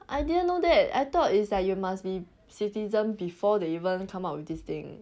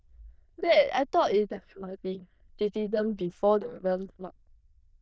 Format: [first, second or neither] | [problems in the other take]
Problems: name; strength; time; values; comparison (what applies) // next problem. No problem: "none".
first | noise reduction (neural diffusion model UNIVERSE++)